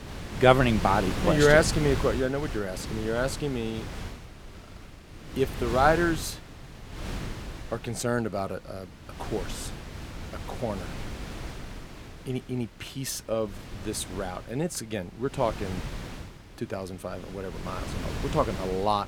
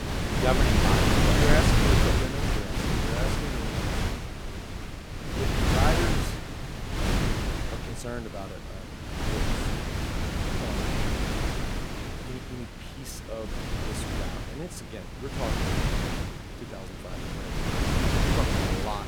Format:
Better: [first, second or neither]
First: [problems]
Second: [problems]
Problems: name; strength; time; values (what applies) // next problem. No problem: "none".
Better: first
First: wind noise on the microphone; occasional gusts; 10 dB below the speech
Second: wind noise on the microphone; heavy; 5 dB above the speech